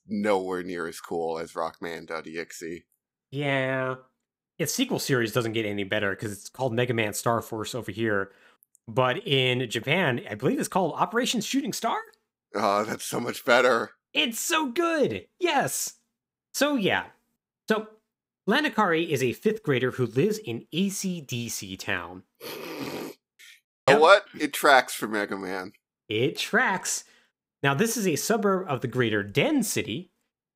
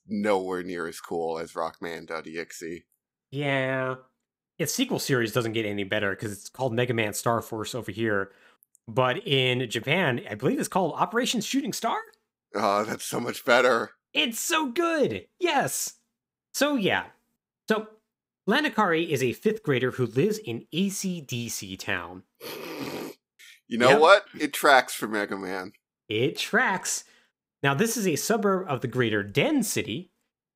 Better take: second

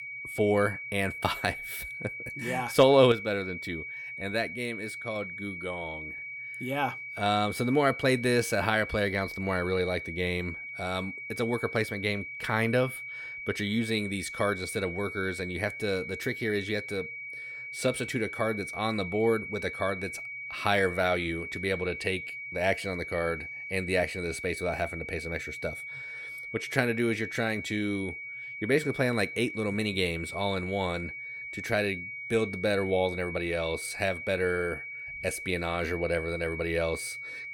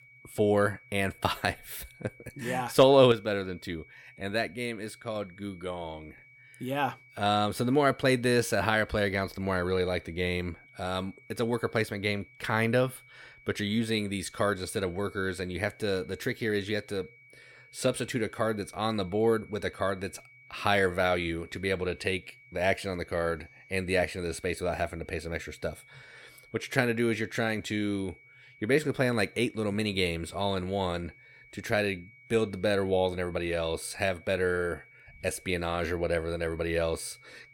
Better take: second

